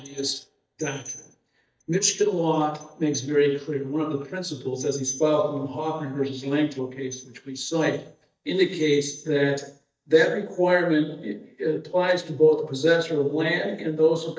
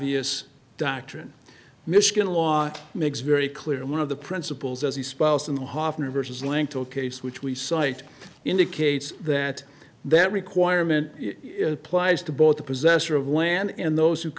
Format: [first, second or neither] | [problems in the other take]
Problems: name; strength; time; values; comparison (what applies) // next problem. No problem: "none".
second | noise reduction (neural mask model DeepFilterNet 3)